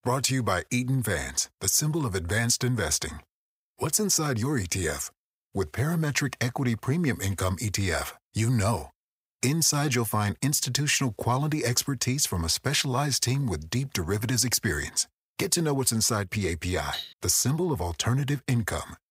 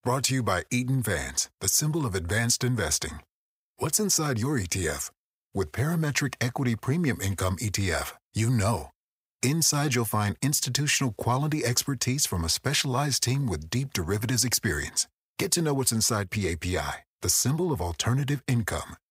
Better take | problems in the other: second | clattering dishes; noticeable; at 17 s; peak 9 dB below the speech

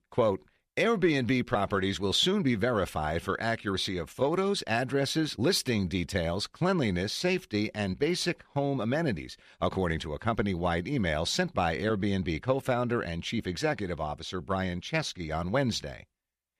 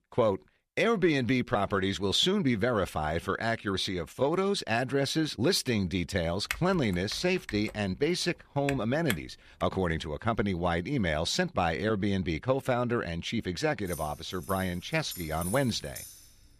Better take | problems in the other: first | keyboard typing; noticeable; from 6.5 to 9.5 s; peak 8 dB below the speech // jangling keys; noticeable; from 14 s on; peak 10 dB below the speech

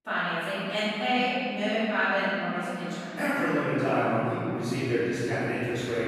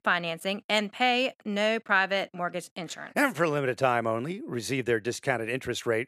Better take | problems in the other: second | off-mic speech; far // room echo; strong; dies away in 3 s

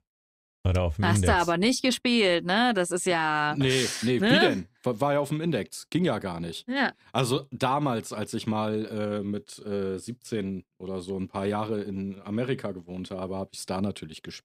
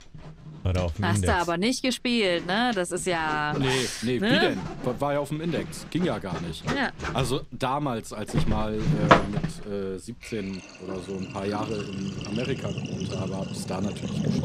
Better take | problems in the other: first | household noises; loud; throughout; 3 dB below the speech

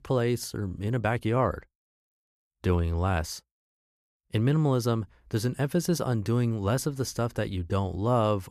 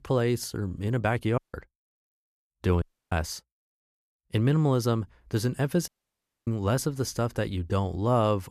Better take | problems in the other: first | audio cutting out; at 1.5 s, at 3 s and at 6 s for 0.5 s

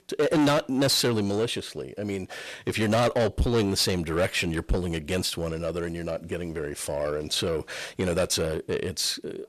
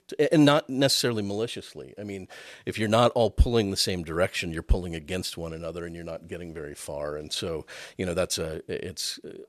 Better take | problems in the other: second | distortion; heavy; 6 dB below the speech

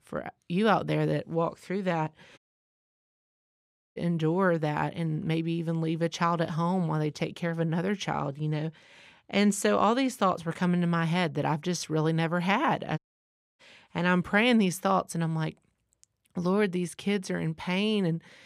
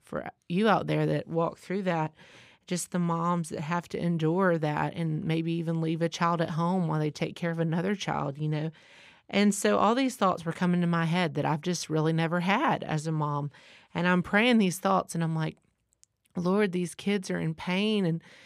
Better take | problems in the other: second | audio cutting out; at 2.5 s for 1.5 s and at 13 s for 0.5 s

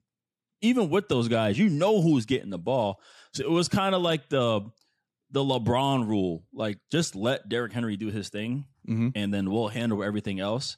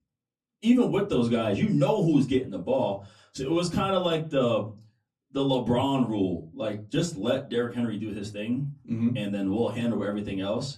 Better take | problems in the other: first | off-mic speech; far // room echo; very slight; dies away in 0.3 s

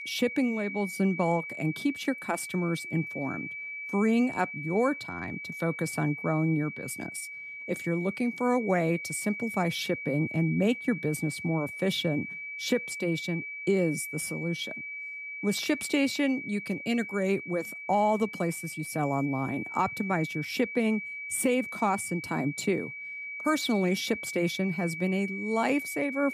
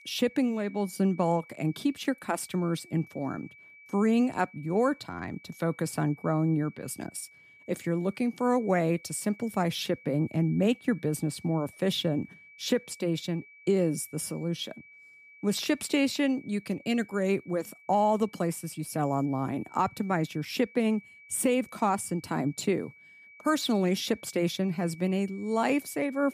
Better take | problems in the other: second | high-pitched whine; loud; throughout; 2.5 kHz, 7 dB below the speech; faint in the second

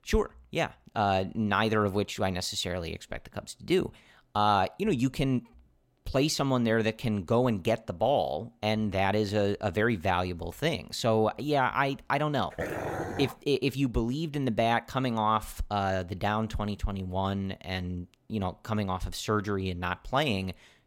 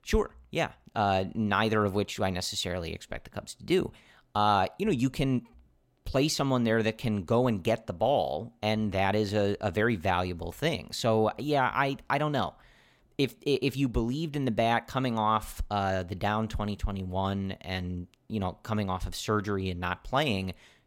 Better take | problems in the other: second | dog barking; noticeable; at 13 s; peak 4 dB below the speech

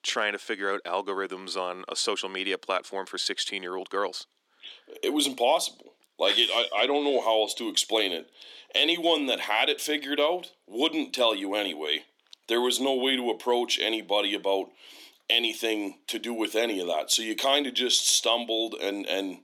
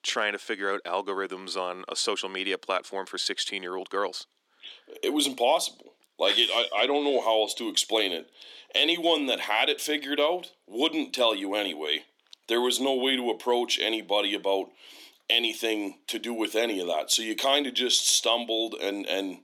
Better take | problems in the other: neither | thin; very slightly; fading below 300 Hz; the same in both

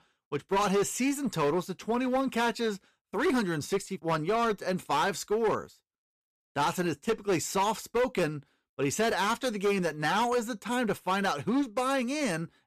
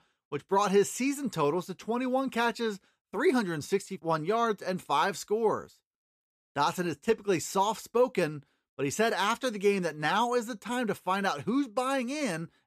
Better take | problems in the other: second | distortion; slight; 10% of the sound clipped

